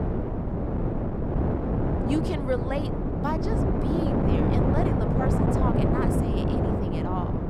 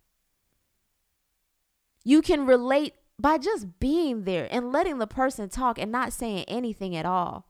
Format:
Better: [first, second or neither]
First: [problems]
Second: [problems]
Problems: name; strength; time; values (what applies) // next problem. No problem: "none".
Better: second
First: wind noise on the microphone; heavy; 3 dB above the speech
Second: none